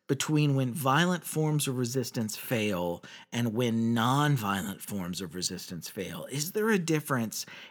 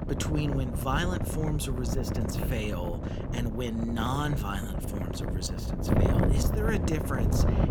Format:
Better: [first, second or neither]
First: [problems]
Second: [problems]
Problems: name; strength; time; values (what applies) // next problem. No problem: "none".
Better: first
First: none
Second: wind noise on the microphone; heavy; 2 dB below the speech